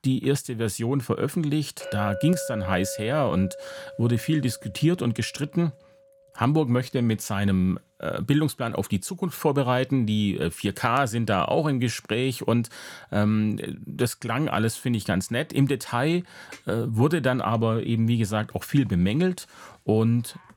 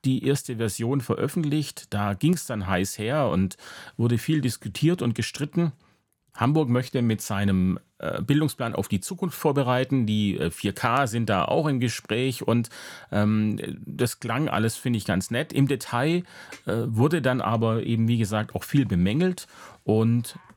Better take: second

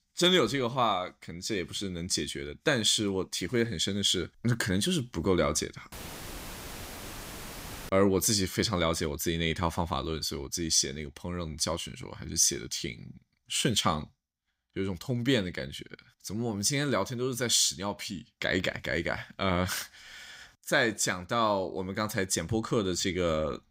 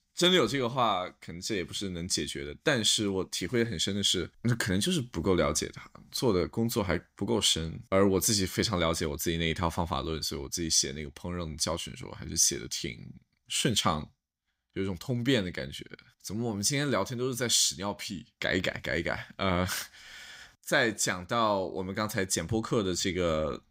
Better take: second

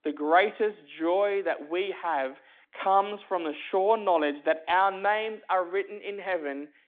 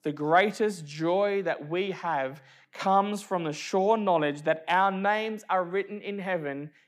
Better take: second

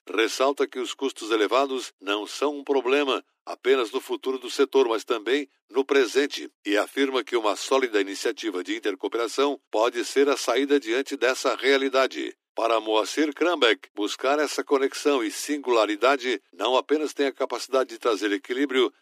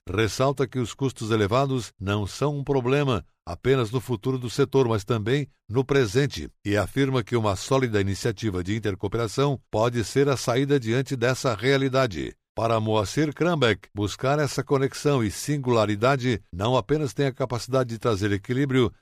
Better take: second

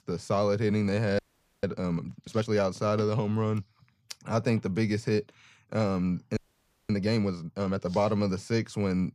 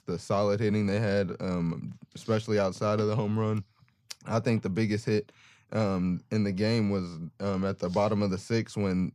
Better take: second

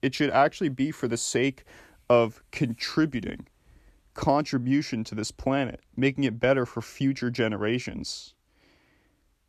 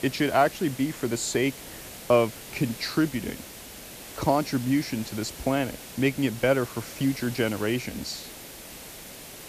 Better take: first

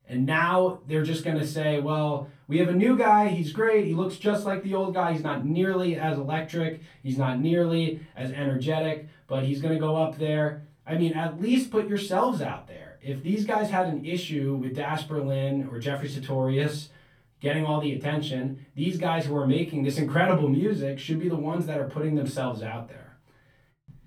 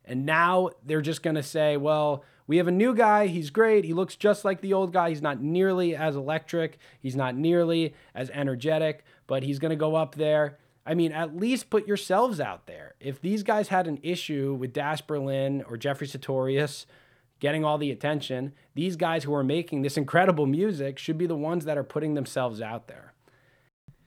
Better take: second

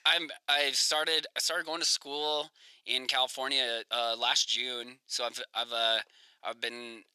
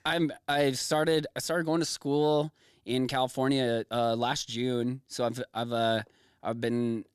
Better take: second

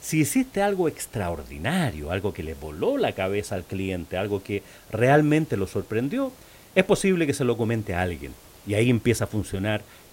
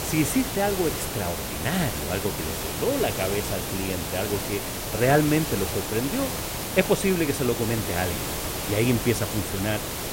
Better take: first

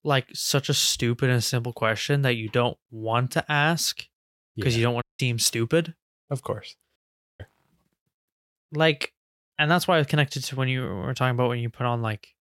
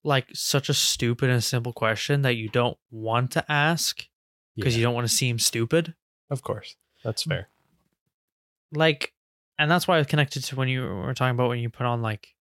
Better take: second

